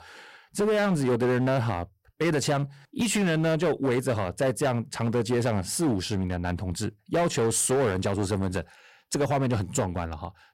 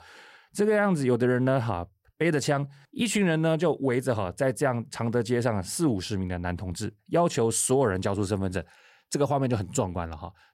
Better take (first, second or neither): second